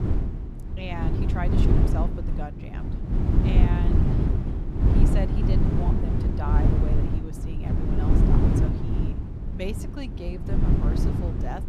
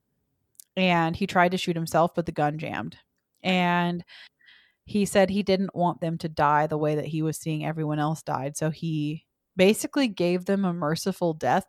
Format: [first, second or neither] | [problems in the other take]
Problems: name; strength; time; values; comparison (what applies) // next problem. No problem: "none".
second | wind noise on the microphone; heavy; 4 dB above the speech